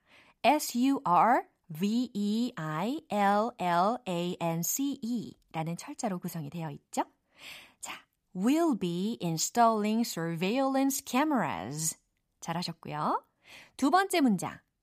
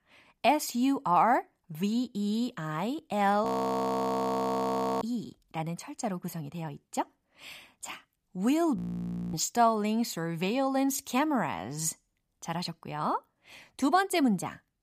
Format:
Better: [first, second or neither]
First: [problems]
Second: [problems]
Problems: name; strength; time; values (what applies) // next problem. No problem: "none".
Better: first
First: none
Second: audio freezing; at 3.5 s for 1.5 s and at 9 s for 0.5 s